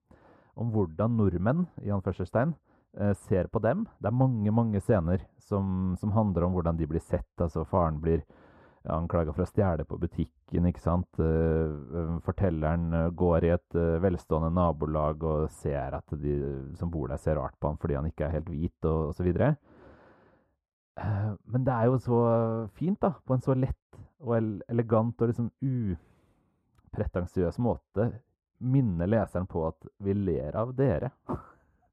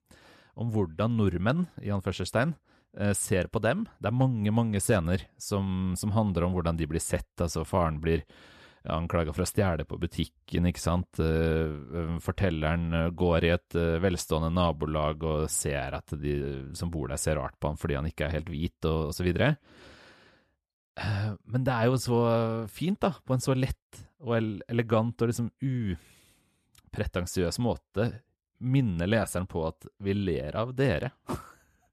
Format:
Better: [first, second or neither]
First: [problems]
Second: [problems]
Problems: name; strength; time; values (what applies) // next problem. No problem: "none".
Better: second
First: muffled; very; fading above 1.5 kHz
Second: none